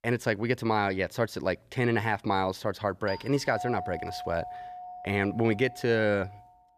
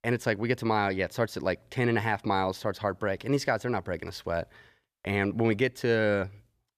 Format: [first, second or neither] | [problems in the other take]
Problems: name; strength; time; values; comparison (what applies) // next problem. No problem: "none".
second | doorbell; noticeable; from 3 s on; peak 7 dB below the speech